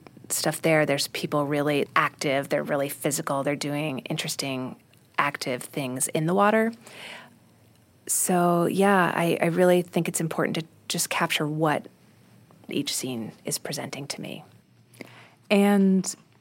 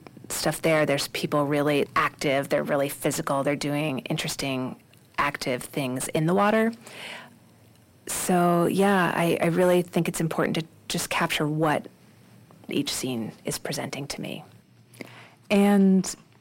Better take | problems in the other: first | distortion; slight; 10 dB below the speech

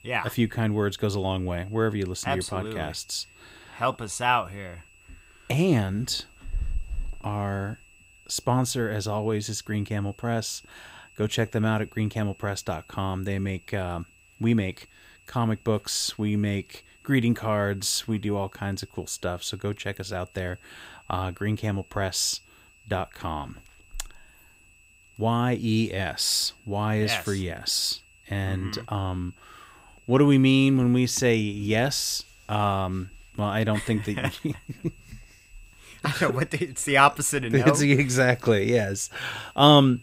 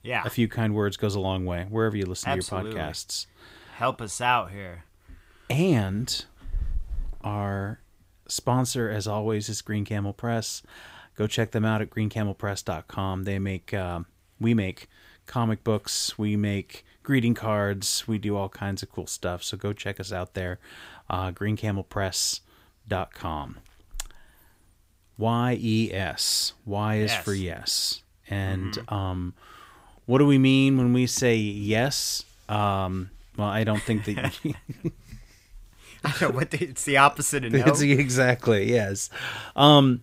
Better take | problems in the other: second | high-pitched whine; faint; throughout; 2.5 kHz, 30 dB below the speech

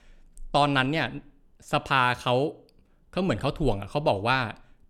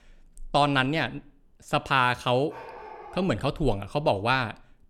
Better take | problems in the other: first | dog barking; faint; at 2.5 s; peak 15 dB below the speech

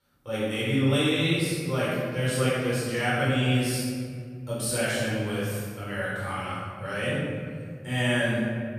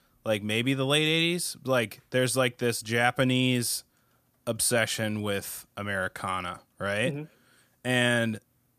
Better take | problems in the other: second | off-mic speech; far // room echo; strong; dies away in 2.9 s

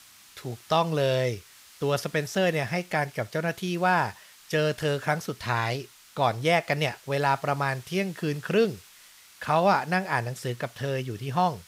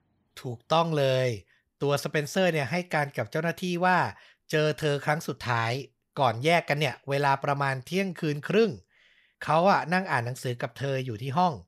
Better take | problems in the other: second | hiss; faint; throughout; 25 dB below the speech

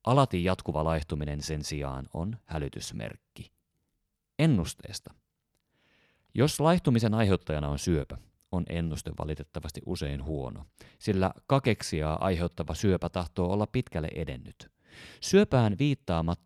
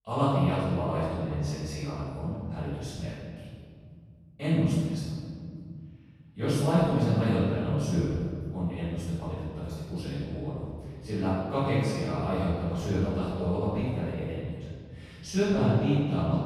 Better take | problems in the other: first | off-mic speech; far // room echo; strong; dies away in 2.1 s

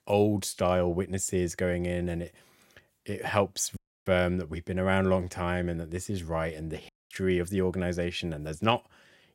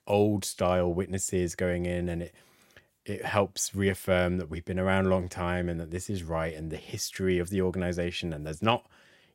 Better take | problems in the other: second | audio cutting out; at 4 s and at 7 s

